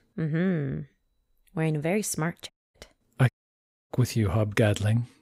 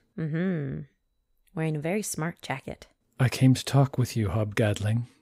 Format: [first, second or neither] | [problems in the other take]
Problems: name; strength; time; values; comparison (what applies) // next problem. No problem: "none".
second | audio cutting out; at 2.5 s and at 3.5 s for 0.5 s